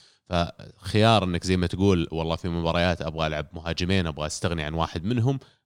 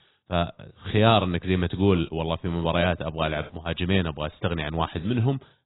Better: first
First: none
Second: garbled, watery; badly; nothing above 4 kHz

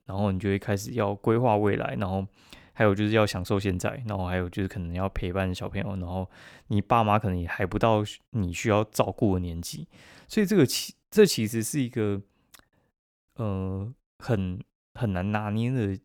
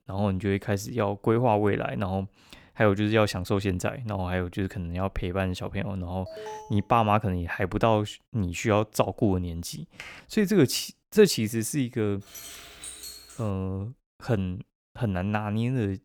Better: first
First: none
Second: alarm; faint; at 6.5 s; peak 10 dB below the speech // keyboard typing; faint; at 10 s; peak 15 dB below the speech // jangling keys; faint; from 12 to 14 s; peak 10 dB below the speech

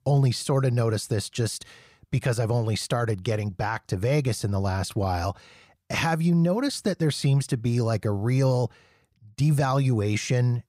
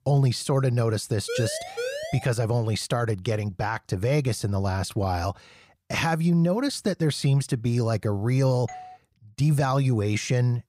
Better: first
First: none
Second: siren; noticeable; at 1.5 s; peak 6 dB below the speech // doorbell; faint; at 8.5 s; peak 15 dB below the speech

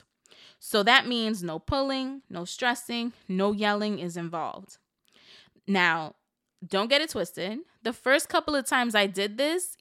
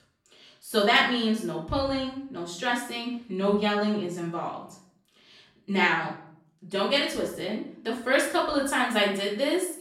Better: first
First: none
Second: off-mic speech; far // room echo; noticeable; dies away in 0.5 s

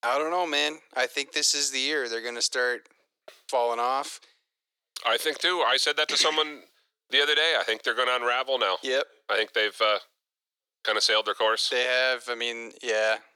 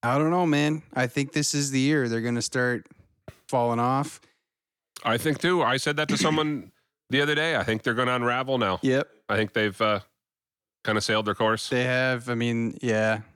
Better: second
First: thin; very; fading below 450 Hz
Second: none

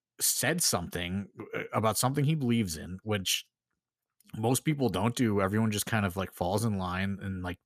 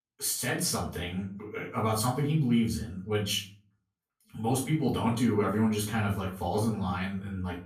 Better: first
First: none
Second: off-mic speech; far // room echo; slight; dies away in 0.4 s

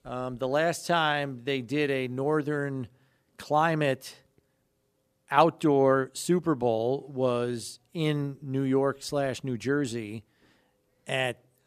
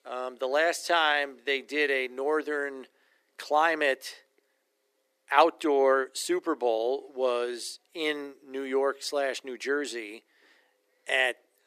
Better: first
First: none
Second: thin; somewhat; fading below 350 Hz

